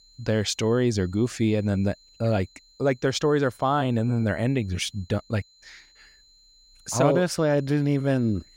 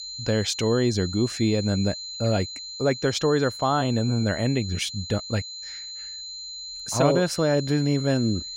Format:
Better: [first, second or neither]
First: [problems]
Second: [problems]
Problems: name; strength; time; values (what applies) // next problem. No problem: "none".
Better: first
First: high-pitched whine; faint; throughout; 4 kHz, 30 dB below the speech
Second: high-pitched whine; loud; throughout; 4 kHz, 10 dB below the speech